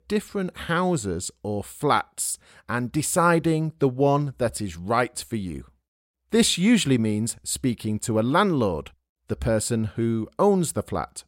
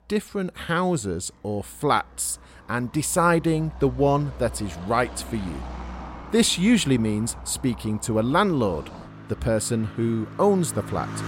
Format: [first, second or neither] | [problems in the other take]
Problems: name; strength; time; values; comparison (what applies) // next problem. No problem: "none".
first | traffic noise; noticeable; throughout; 15 dB below the speech